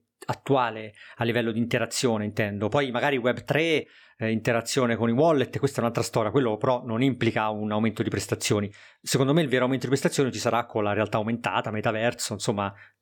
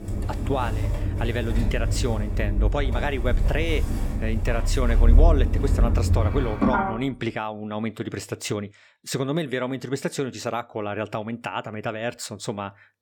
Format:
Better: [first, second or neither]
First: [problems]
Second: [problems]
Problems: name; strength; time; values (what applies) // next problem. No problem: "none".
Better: first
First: none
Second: traffic noise; very loud; until 7 s; 4 dB above the speech